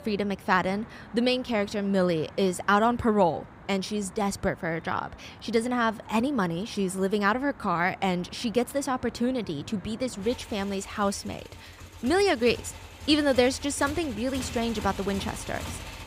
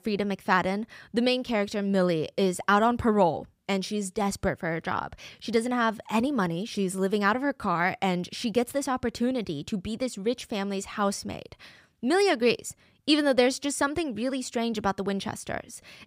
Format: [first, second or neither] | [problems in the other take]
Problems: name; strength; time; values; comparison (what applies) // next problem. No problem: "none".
second | traffic noise; noticeable; throughout; 15 dB below the speech